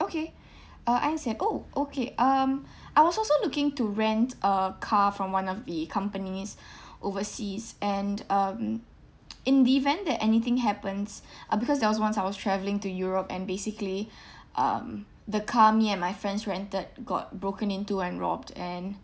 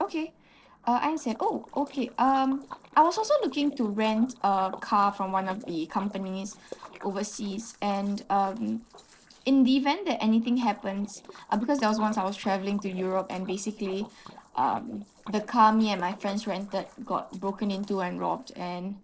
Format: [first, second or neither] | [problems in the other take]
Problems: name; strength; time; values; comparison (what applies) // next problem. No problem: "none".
first | noise reduction (neural separator model SepFormer DNS4)